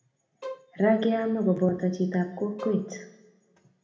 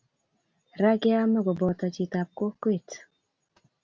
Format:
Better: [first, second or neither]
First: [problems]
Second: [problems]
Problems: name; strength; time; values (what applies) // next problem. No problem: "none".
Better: second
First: background sound (Bowed string instrument); 16 dB below the speech // room echo; dies away in 0.8 s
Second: none